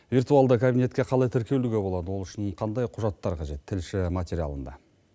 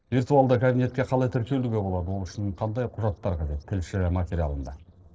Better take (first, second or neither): first